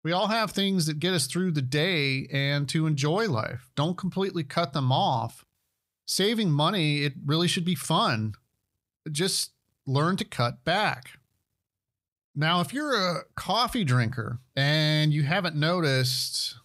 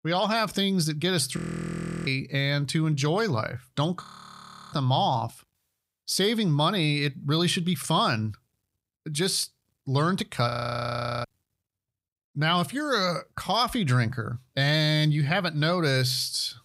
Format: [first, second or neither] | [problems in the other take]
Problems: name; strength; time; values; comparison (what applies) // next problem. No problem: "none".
first | audio freezing; at 1.5 s for 0.5 s, at 4 s for 0.5 s and at 10 s for 1 s